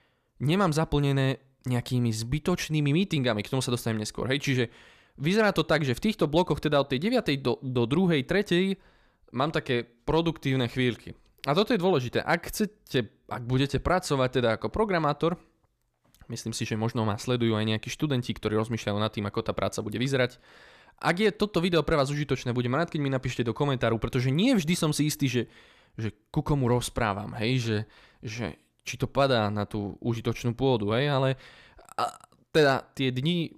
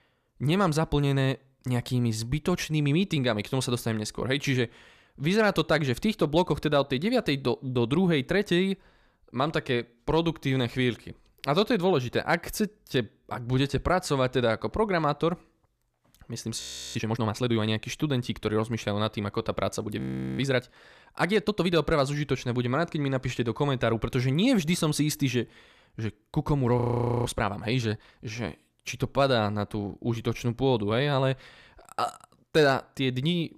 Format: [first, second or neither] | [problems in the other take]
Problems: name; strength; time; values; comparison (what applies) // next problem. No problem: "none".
first | audio freezing; at 17 s, at 20 s and at 27 s